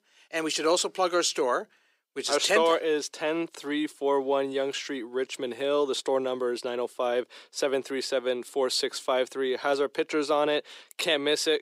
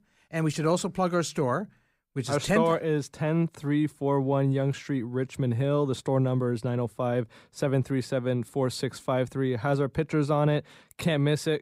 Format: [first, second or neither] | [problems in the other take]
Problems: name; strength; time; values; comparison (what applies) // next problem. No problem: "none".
second | thin; somewhat; fading below 350 Hz